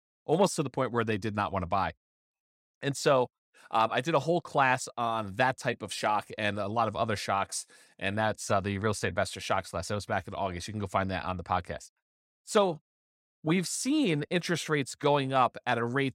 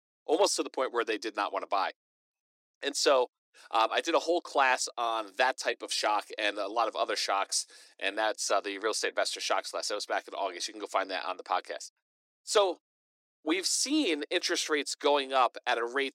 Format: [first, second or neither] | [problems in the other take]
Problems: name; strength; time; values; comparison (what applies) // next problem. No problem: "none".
first | thin; somewhat; fading below 300 Hz